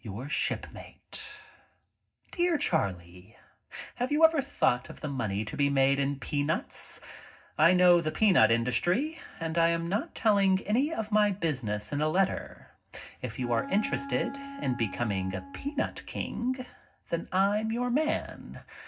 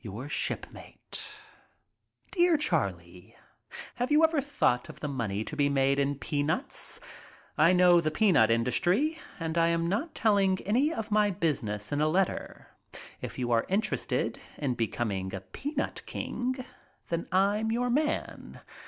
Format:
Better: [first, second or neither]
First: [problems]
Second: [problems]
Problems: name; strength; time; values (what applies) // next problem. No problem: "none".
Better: second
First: background sound (Wind instrument, woodwind instrument); 13 dB below the speech // room echo; dies away in 0.4 s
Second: none